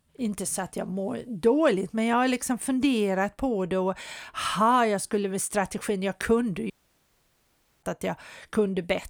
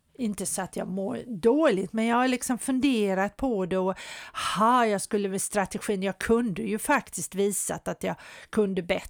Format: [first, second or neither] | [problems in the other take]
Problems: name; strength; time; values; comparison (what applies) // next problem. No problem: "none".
second | audio cutting out; at 6.5 s for 1 s